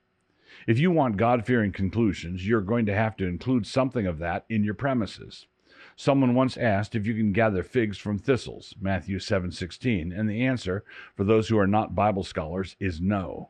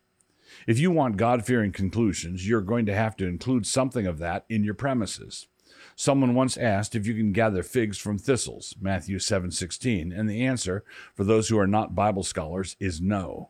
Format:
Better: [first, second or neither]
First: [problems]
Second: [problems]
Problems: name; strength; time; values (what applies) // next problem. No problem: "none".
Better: second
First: muffled; slightly; fading above 3 kHz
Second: none